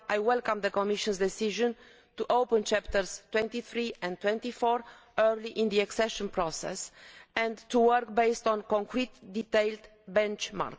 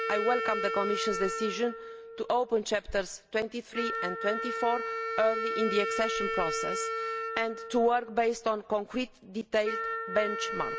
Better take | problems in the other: first | background sound (Wind instrument, woodwind instrument); 4 dB below the speech

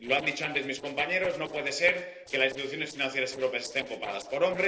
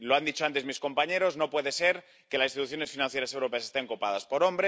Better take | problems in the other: second | noise reduction (neural separator model SepFormer DNS4)

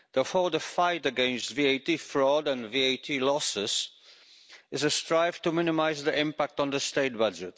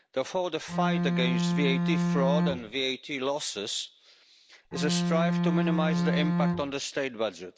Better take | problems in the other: first | background sound (Bowed string instrument); 4 dB above the speech

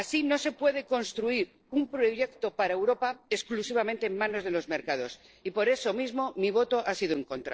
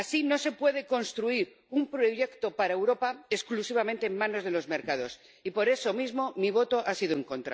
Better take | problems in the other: second | noise reduction (neural separator model SepFormer DNS4)

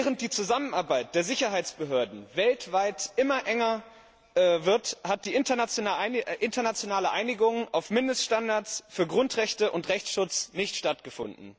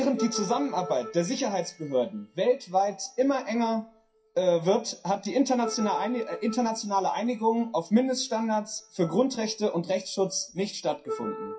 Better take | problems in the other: first | noise reduction (classical method WPE with log-MMSE)

